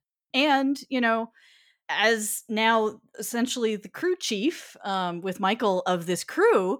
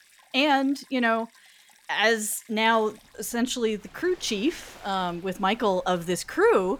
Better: first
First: none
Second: rain or running water; faint; throughout; 25 dB below the speech

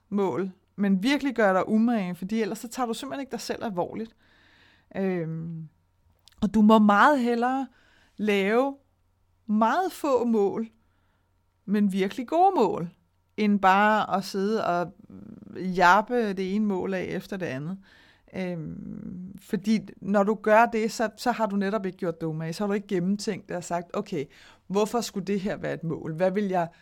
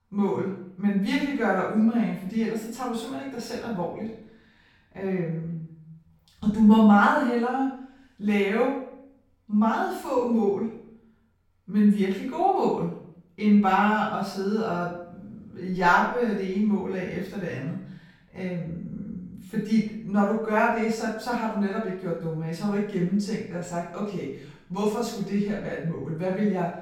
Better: first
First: none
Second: off-mic speech; far // room echo; noticeable; dies away in 0.6 s

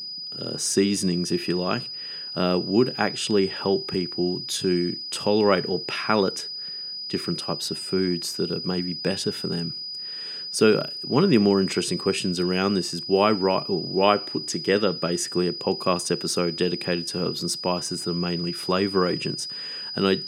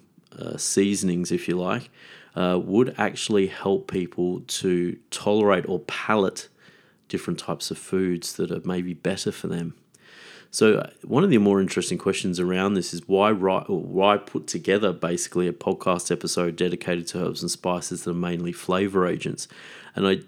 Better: second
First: high-pitched whine; loud; throughout; 5 kHz, 7 dB below the speech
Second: none

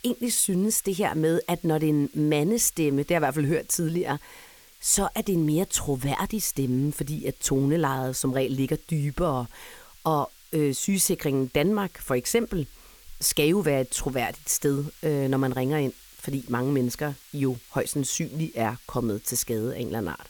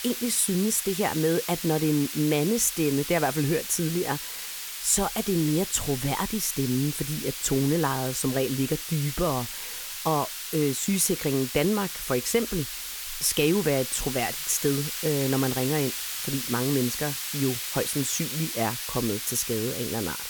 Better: first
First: hiss; faint; throughout; 25 dB below the speech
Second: hiss; loud; throughout; 5 dB below the speech

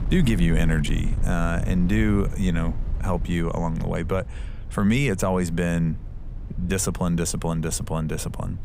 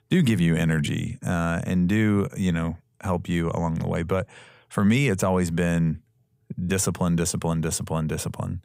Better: second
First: wind noise on the microphone; occasional gusts; 20 dB below the speech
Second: none

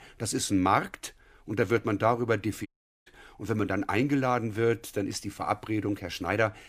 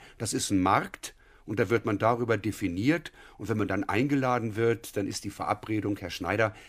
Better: second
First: audio cutting out; at 2.5 s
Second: none

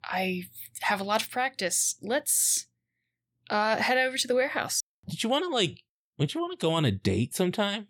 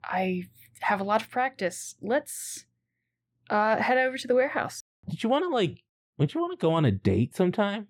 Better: first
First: none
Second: muffled; slightly; fading above 2.5 kHz

